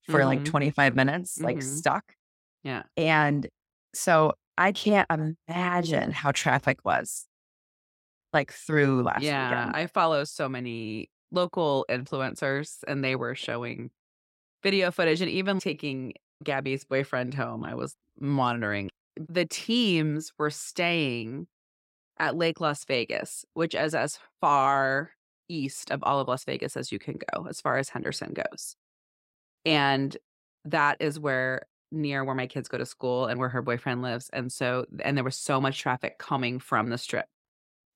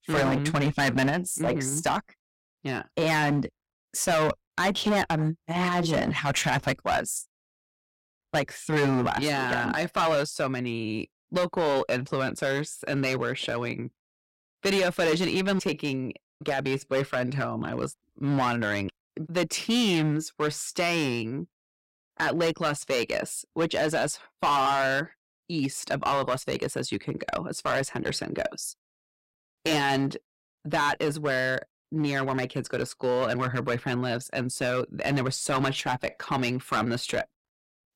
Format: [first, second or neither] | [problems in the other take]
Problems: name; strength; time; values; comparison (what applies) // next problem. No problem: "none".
first | distortion; heavy; 8% of the sound clipped